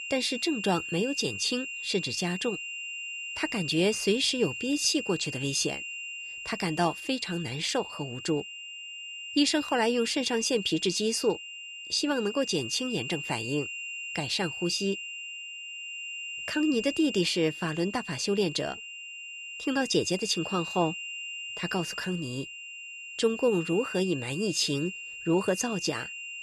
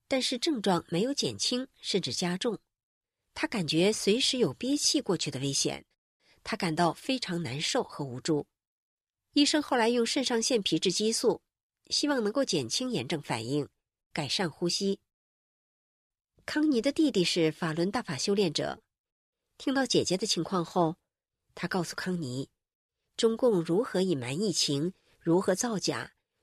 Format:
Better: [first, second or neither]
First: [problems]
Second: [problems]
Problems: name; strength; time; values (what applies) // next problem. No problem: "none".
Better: second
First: high-pitched whine; loud; throughout; 3 kHz, 7 dB below the speech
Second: none